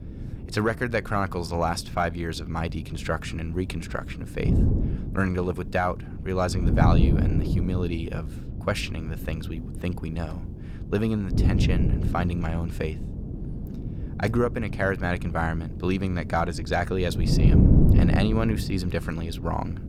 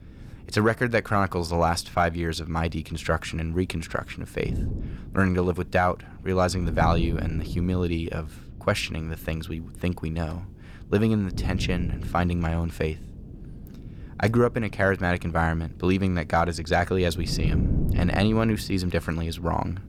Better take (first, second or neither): second